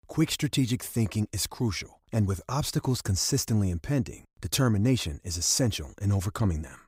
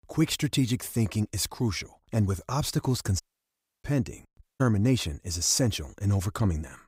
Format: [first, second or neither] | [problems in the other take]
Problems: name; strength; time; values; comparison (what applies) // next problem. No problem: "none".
first | audio cutting out; at 3 s for 0.5 s and at 4.5 s